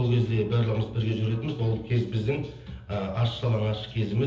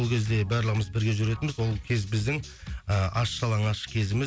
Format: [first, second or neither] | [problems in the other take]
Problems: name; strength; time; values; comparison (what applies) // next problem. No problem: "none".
second | room echo; dies away in 0.7 s